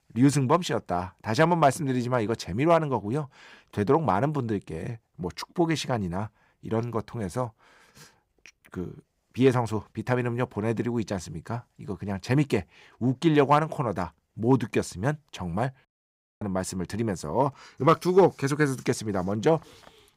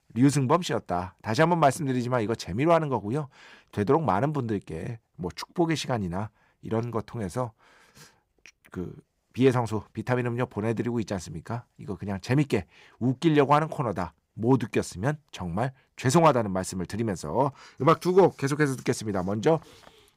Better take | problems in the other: second | audio cutting out; at 16 s for 0.5 s

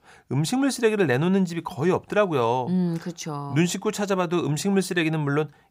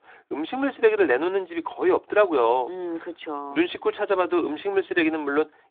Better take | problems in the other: first | phone-call audio

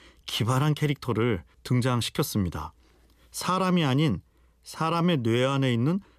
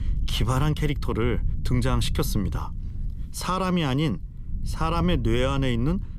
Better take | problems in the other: first | low rumble; noticeable; throughout; 20 dB below the speech

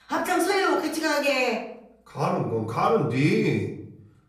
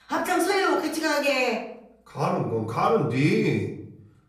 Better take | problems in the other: neither | off-mic speech; far; the same in both // room echo; slight; dies away in 0.6 s; the same in both

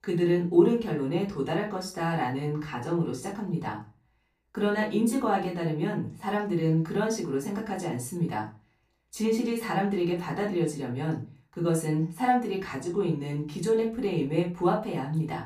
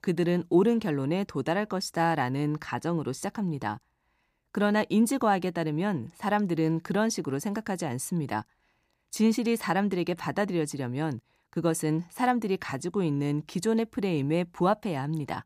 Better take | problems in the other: second | off-mic speech; far // room echo; slight; dies away in 0.3 s

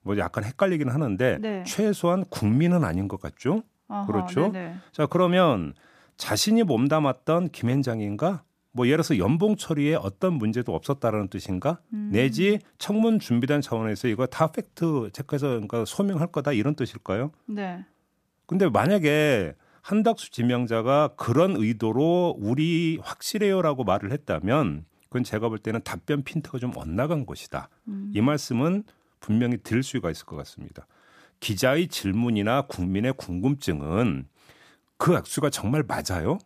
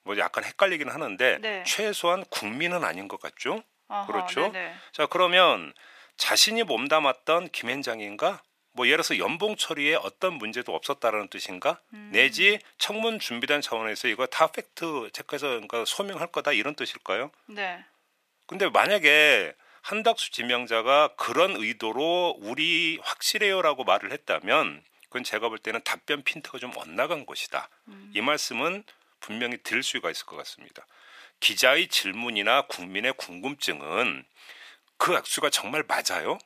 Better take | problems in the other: first | thin; very; fading below 600 Hz

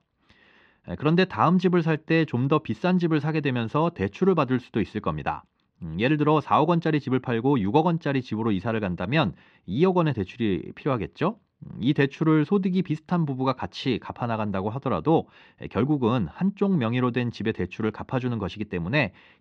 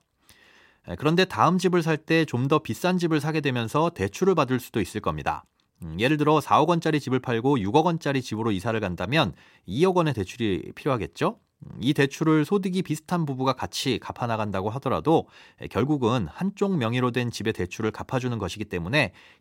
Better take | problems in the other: second | muffled; very slightly; fading above 3.5 kHz

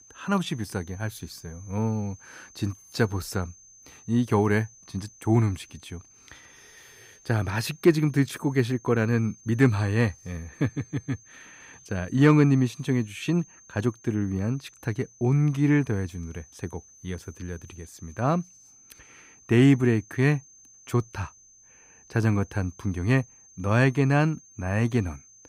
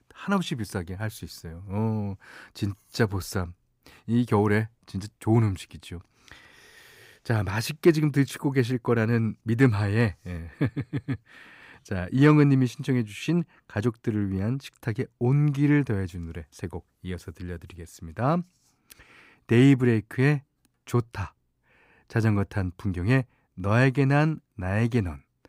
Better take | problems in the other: second | high-pitched whine; faint; throughout; 6.5 kHz, 25 dB below the speech

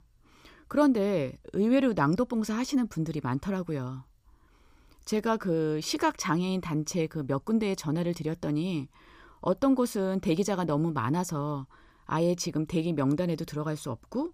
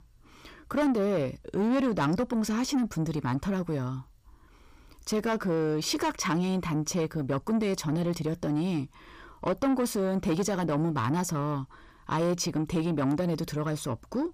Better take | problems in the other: first | distortion; slight; 10 dB below the speech

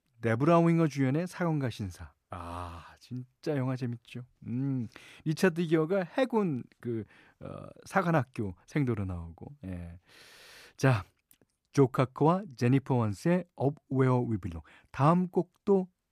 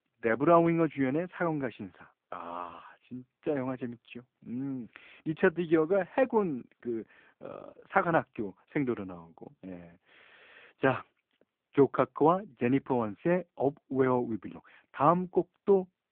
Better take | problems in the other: first | phone-call audio; poor line

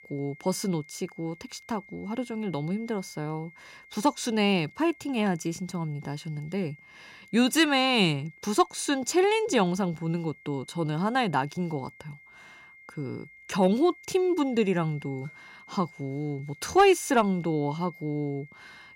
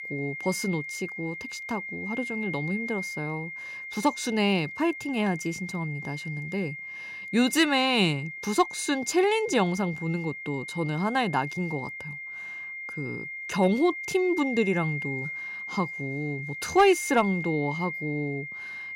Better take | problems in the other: first | high-pitched whine; loud; throughout; 2 kHz, 7 dB below the speech; faint in the first

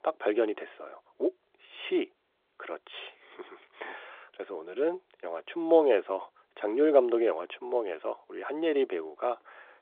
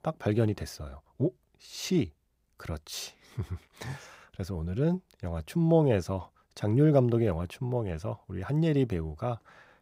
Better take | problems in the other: second | phone-call audio; nothing above 3.5 kHz

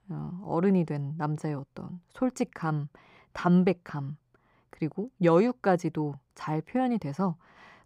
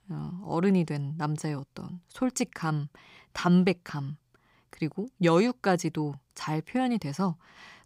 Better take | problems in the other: second | muffled; slightly; fading above 2.5 kHz

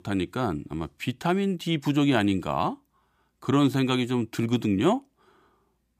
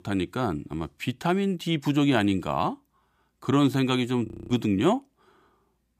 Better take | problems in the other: first | audio freezing; at 4.5 s

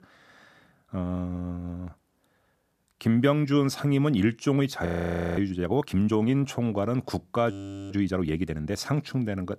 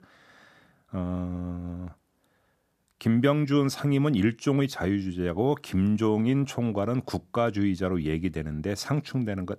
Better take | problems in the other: second | audio freezing; at 5 s for 0.5 s and at 7.5 s

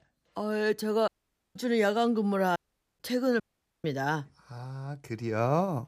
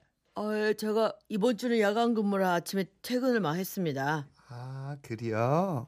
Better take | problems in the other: second | audio cutting out; at 1 s, at 2.5 s and at 3.5 s

